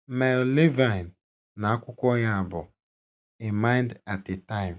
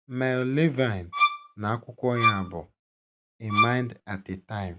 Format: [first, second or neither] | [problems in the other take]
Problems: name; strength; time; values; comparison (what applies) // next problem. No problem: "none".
first | background sound (Bowed string instrument); 2 dB above the speech